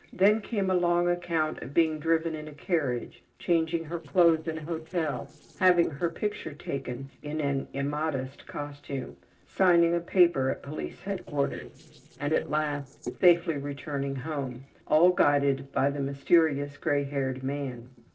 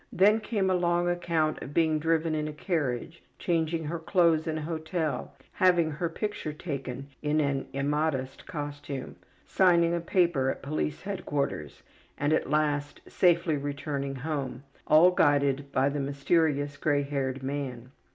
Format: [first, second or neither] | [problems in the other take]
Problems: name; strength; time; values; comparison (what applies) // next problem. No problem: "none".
second | noise reduction (neural separator model SepFormer DNS4)